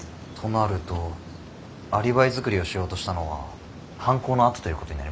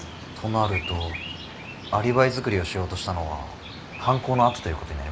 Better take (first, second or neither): first